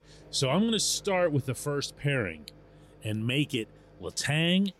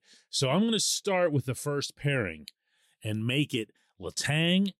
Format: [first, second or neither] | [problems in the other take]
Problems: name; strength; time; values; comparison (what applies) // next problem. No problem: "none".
second | household noises; faint; throughout; 25 dB below the speech